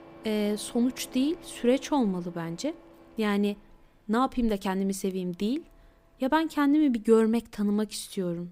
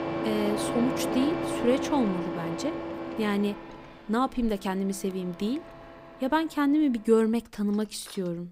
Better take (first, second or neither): first